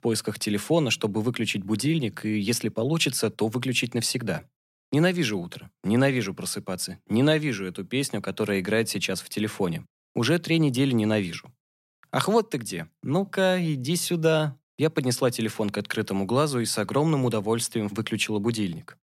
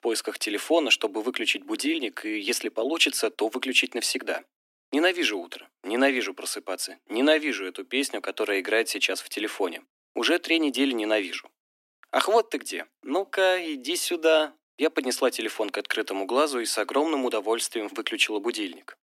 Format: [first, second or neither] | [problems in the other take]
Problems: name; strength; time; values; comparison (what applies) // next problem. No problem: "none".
first | thin; somewhat; fading below 250 Hz